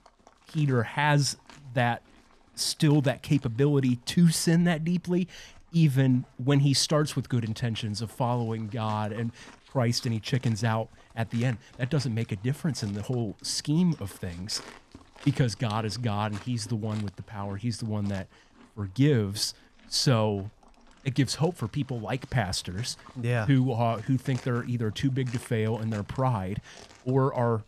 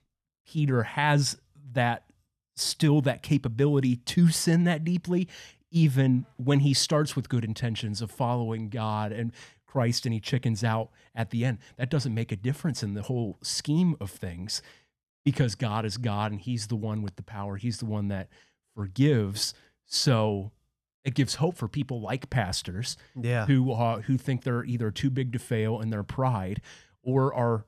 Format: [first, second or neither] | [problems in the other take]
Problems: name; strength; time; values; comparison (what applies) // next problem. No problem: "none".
second | animal sounds; faint; throughout; 25 dB below the speech